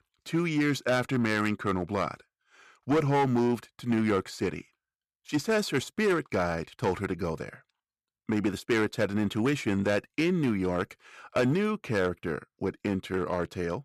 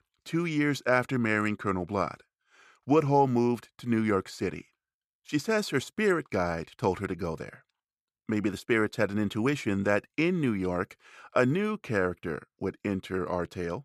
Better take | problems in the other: second | distortion; slight; 5% of the sound clipped

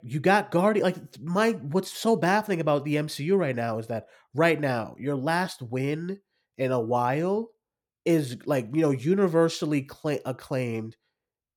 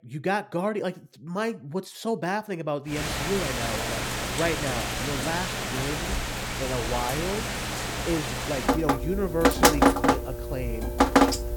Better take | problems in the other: first | rain or running water; very loud; from 3 s on; 5 dB above the speech

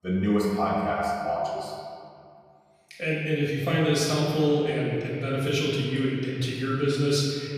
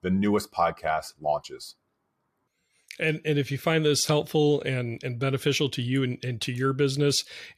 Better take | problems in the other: second | off-mic speech; far // room echo; noticeable; dies away in 2.1 s

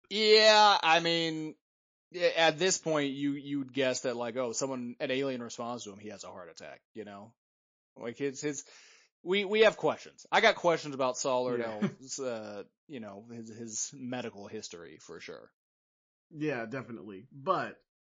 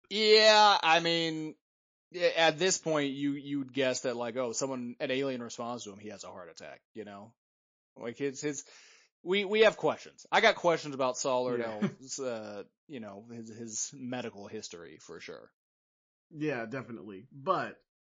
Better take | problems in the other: neither | garbled, watery; slightly; the same in both

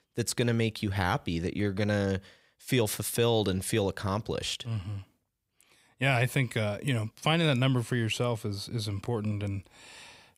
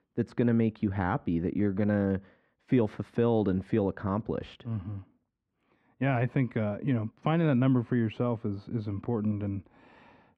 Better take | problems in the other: first | muffled; very; fading above 1.5 kHz

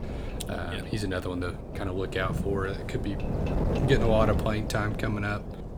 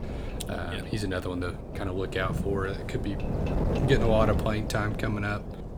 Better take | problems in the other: neither | wind noise on the microphone; heavy; 7 dB below the speech; the same in both

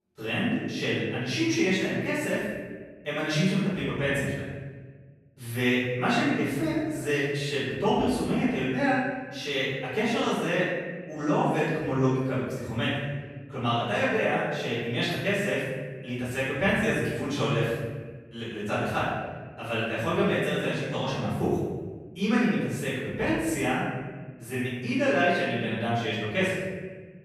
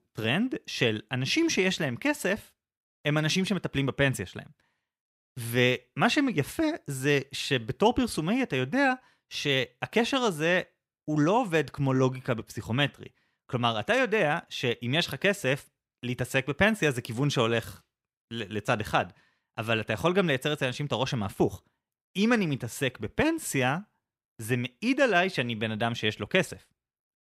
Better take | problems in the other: second | off-mic speech; far // room echo; strong; dies away in 1.3 s

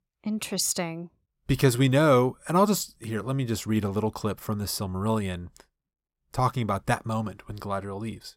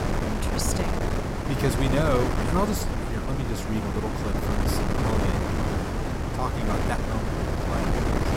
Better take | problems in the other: first | wind noise on the microphone; heavy; 1 dB above the speech

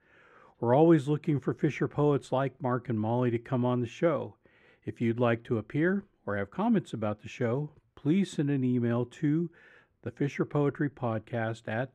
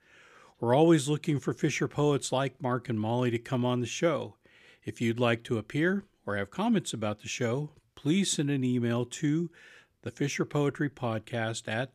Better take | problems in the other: second | muffled; very; fading above 3 kHz

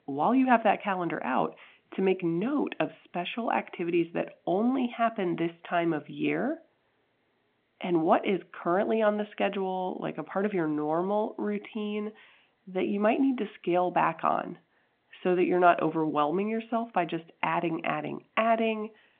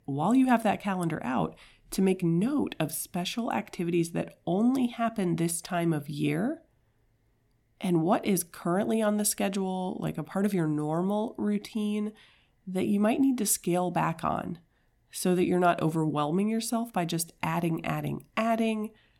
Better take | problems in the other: second | phone-call audio

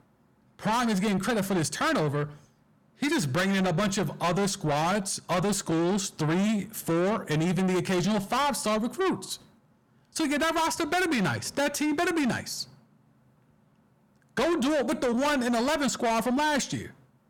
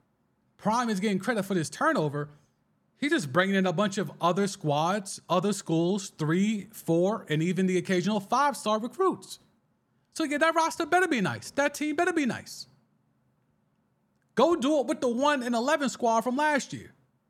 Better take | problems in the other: second | distortion; heavy; 6 dB below the speech

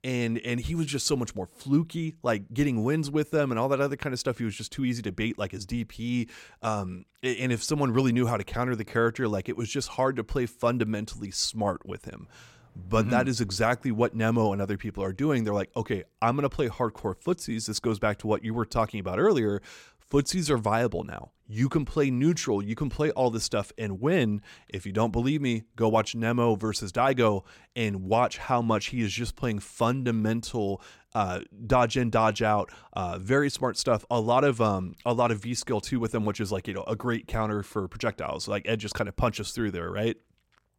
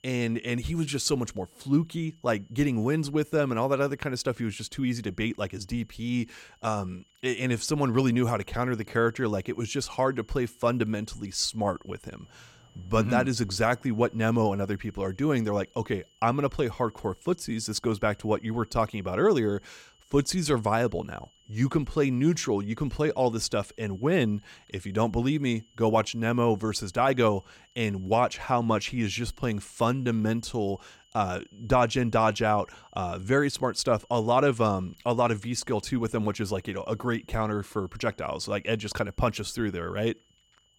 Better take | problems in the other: first | high-pitched whine; faint; throughout; 3 kHz, 35 dB below the speech

